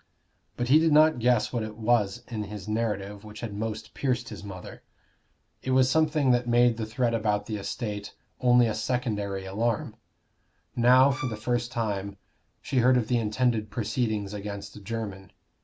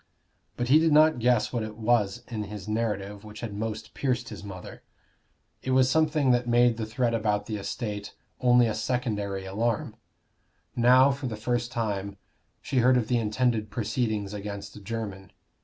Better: second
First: background sound (Bowed string instrument); 15 dB below the speech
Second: none

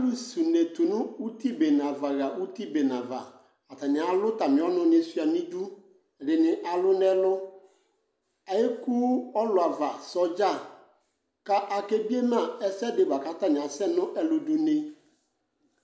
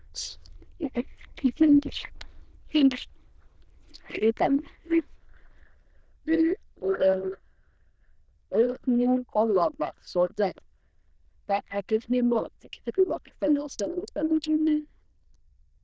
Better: first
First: none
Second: noise reduction (neural diffusion model UNIVERSE++)

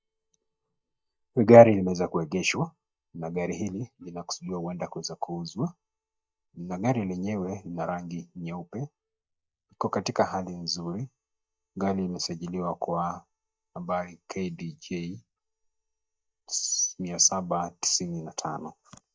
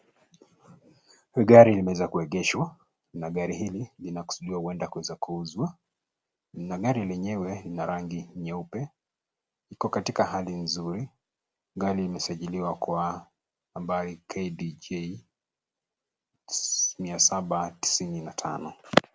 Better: second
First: noise reduction (neural mask model DeepFilterNet 3)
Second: none

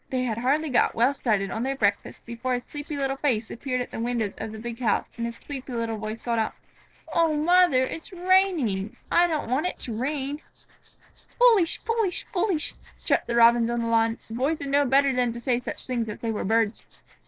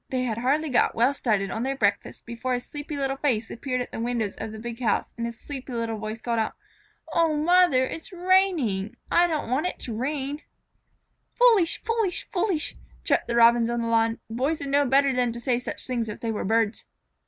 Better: second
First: noise reduction (neural separator model SepFormer DNS4)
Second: none

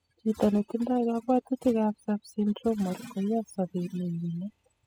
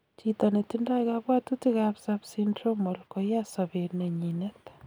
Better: second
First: noise reduction (classical method spectral subtraction)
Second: none

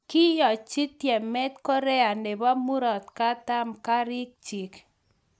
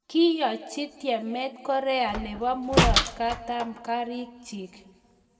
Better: first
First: none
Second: background sound (Slam); 1 dB below the speech // room echo; dies away in 1.4 s

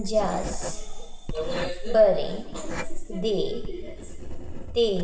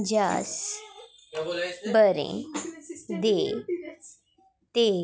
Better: second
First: background sound (Writing); 2 dB below the speech // room echo; dies away in 2.2 s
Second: none

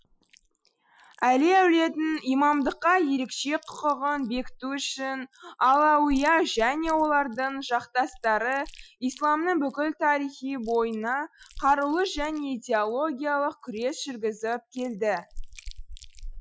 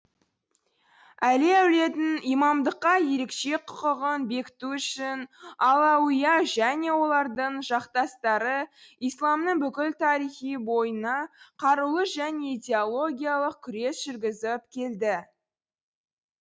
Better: second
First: noise reduction (classical method Wiener filter)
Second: none

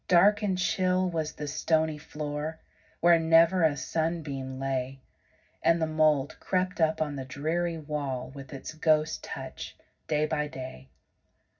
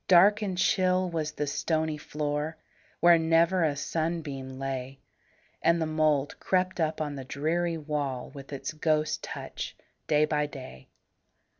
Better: second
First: room echo; dies away in 0.4 s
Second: none

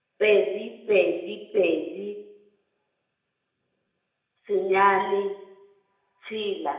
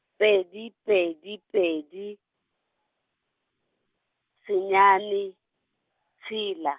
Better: second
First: room echo; dies away in 0.8 s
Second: none

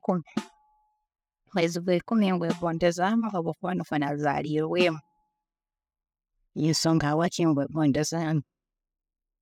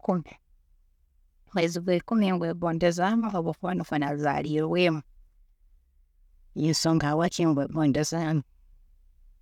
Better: second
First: noise reduction (classical method spectral subtraction)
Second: none

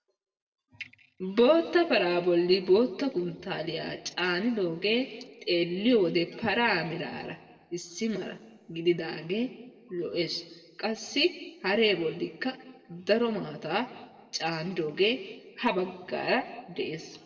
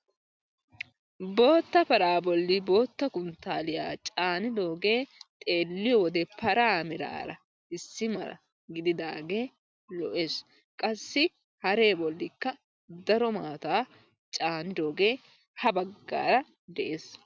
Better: second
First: room echo; dies away in 1.1 s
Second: none

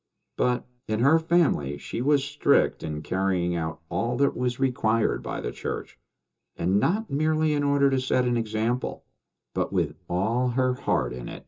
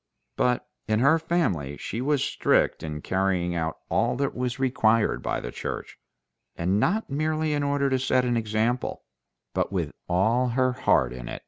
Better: second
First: room echo; dies away in 0.2 s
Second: none

